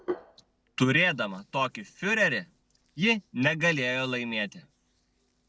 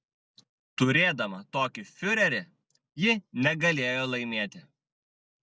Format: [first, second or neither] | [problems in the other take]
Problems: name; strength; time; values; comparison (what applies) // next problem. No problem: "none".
second | background sound (Hands); 17 dB below the speech